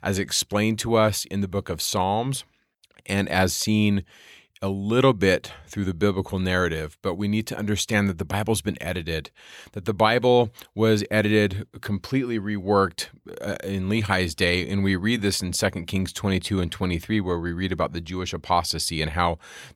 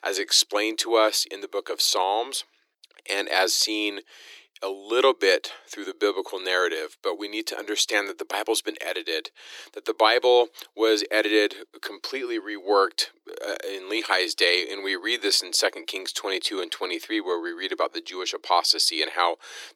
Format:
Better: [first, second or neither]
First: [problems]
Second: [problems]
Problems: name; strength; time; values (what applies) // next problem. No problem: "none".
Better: first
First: none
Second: thin; very; fading below 300 Hz